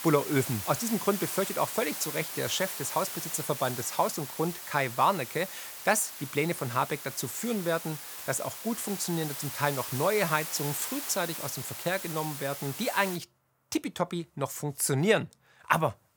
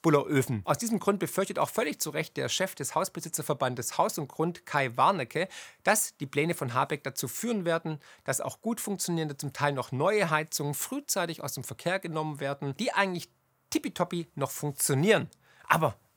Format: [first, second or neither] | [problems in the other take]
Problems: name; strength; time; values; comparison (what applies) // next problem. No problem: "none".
second | hiss; loud; until 13 s; 6 dB below the speech